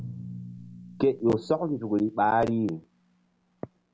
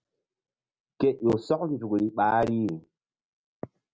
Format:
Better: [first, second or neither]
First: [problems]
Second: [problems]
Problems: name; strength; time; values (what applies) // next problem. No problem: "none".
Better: second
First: background sound (Drum); 17 dB below the speech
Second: none